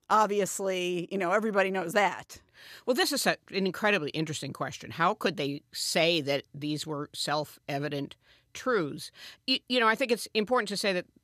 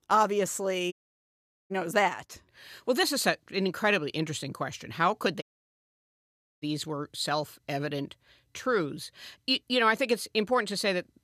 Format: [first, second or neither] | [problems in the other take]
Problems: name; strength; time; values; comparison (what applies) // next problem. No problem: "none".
first | audio cutting out; at 1 s for 1 s and at 5.5 s for 1 s